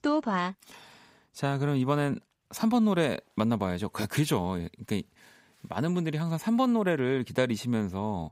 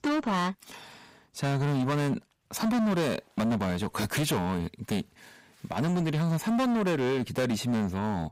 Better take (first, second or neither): first